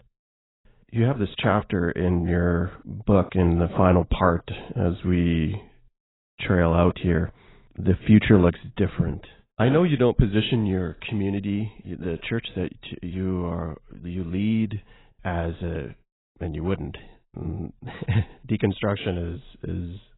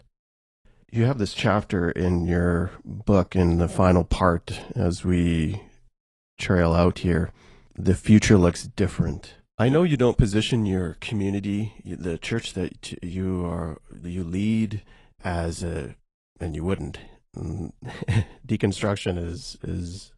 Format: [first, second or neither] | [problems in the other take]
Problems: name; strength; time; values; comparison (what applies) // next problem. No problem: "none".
second | garbled, watery; badly; nothing above 4 kHz; slightly in the second